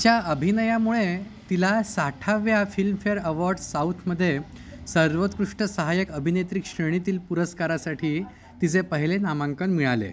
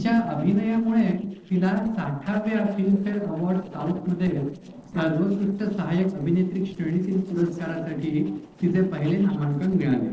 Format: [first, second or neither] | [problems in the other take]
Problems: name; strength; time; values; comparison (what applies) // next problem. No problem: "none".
first | noise reduction (neural separator model SepFormer DNS4)